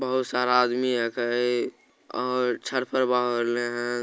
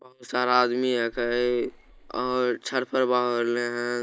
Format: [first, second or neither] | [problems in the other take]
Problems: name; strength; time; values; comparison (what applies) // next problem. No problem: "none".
first | noise reduction (neural mask model DeepFilterNet 3)